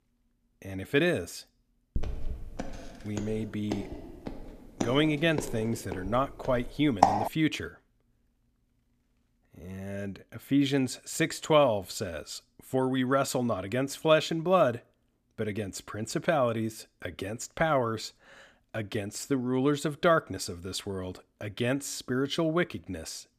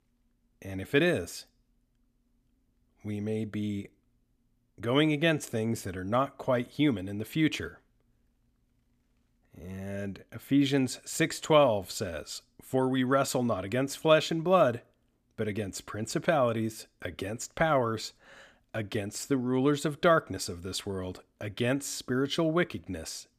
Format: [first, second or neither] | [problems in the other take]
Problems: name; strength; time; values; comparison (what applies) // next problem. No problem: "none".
second | footsteps; loud; from 2 to 7.5 s; peak 4 dB above the speech